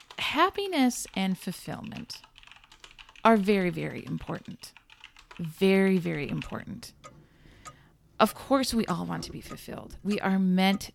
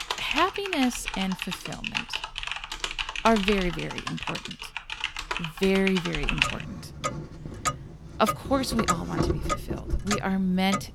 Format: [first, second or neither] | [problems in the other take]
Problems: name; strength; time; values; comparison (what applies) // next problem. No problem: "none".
first | household noises; loud; throughout; 3 dB below the speech; faint in the first